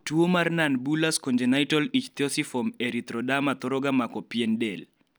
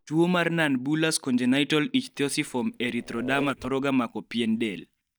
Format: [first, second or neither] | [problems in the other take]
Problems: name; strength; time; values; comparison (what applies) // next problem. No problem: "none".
first | noise reduction (neural mask model DeepFilterNet 3)